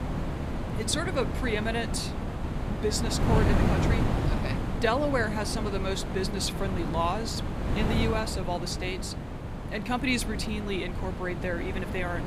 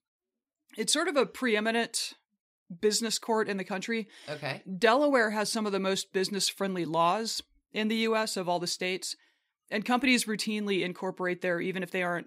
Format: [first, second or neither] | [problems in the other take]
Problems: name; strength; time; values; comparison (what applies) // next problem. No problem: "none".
second | wind noise on the microphone; heavy; 5 dB below the speech